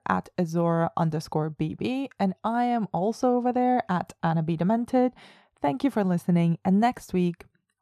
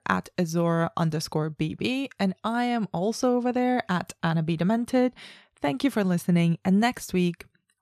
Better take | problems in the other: second | muffled; slightly; fading above 1.5 kHz

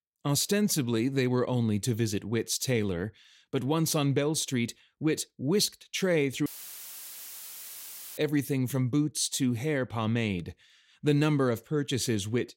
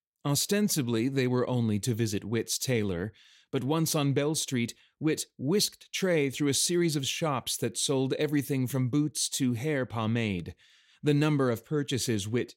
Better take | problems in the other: second | audio cutting out; filled with static; at 6.5 s for 1.5 s

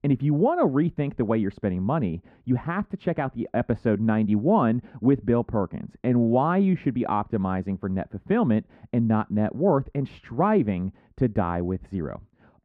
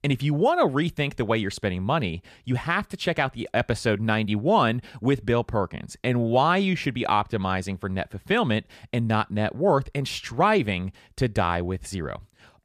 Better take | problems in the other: second | muffled; very; fading above 3 kHz

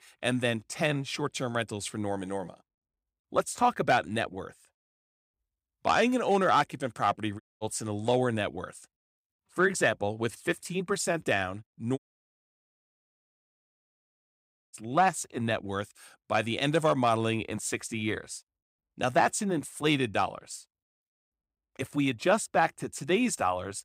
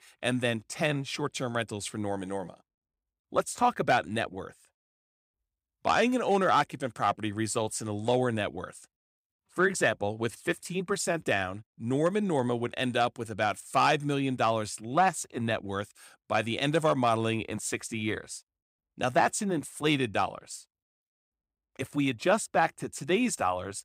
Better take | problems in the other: second | audio cutting out; at 7.5 s and at 12 s for 3 s

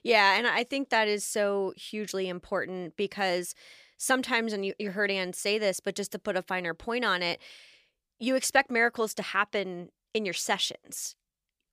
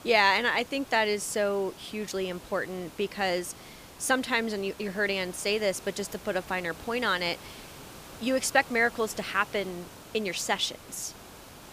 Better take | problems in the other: first | hiss; noticeable; throughout; 20 dB below the speech

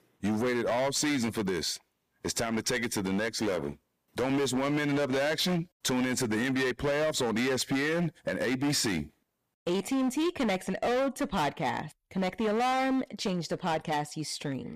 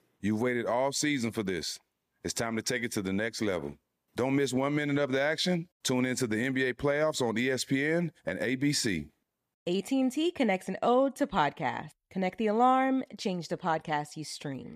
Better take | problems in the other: second | distortion; heavy; 19% of the sound clipped

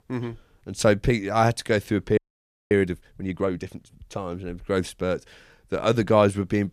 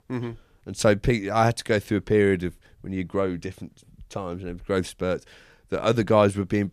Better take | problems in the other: second | audio freezing; at 2 s for 0.5 s

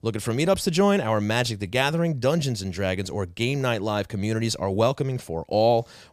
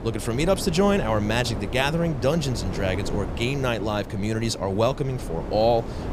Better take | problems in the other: first | wind noise on the microphone; occasional gusts; 10 dB below the speech

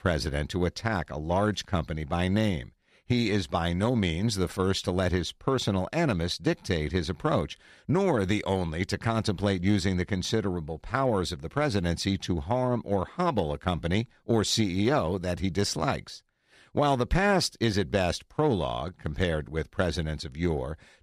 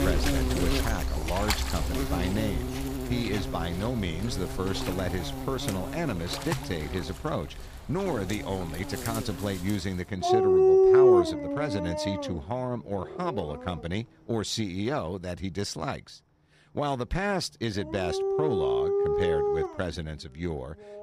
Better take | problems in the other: first | animal sounds; very loud; throughout; 5 dB above the speech

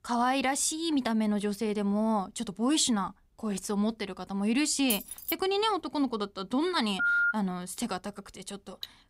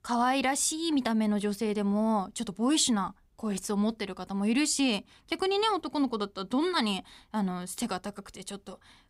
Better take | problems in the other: second | jangling keys; noticeable; at 5 s; peak 4 dB below the speech // phone ringing; loud; at 7 s; peak 4 dB above the speech // clattering dishes; very faint; at 9 s; peak 15 dB below the speech

